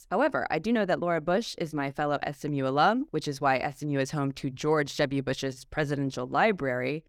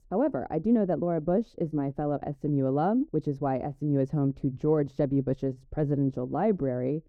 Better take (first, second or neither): first